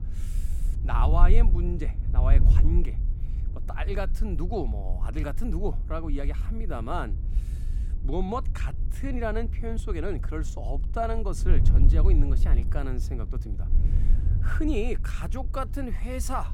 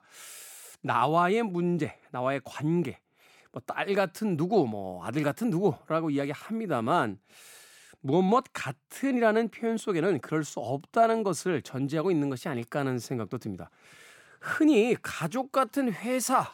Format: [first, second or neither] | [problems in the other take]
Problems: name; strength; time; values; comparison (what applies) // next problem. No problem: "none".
second | wind noise on the microphone; occasional gusts; 10 dB below the speech